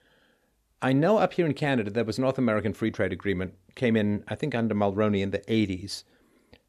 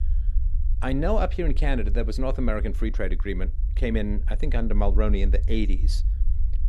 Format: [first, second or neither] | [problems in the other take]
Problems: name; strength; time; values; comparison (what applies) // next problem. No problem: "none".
first | low rumble; noticeable; throughout; 20 dB below the speech